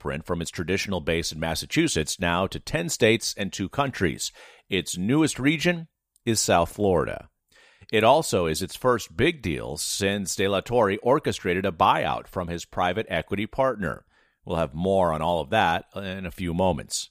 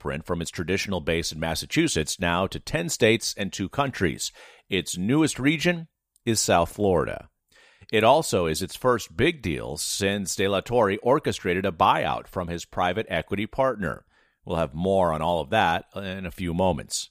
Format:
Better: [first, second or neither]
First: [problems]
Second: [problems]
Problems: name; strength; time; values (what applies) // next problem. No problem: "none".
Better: neither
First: none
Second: none